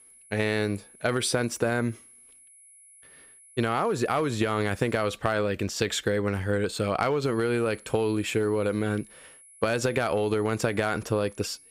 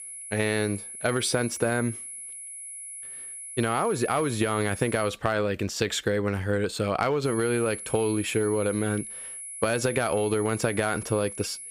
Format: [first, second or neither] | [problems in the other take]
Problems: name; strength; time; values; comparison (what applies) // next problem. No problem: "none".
first | high-pitched whine; loud; until 5 s and from 7.5 s on; 10.5 kHz, 10 dB below the speech; faint in the first